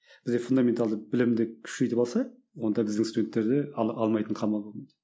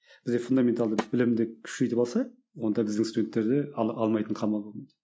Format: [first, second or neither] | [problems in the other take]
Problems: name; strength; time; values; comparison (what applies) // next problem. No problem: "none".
first | noise reduction (neural mask model RNNoise)